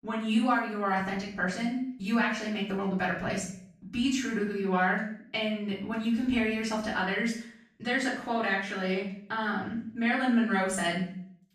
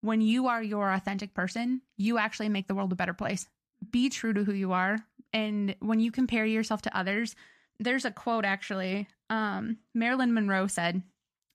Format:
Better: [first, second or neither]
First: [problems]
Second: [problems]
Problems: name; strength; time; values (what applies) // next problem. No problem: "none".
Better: second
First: off-mic speech; far // room echo; noticeable; dies away in 0.5 s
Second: none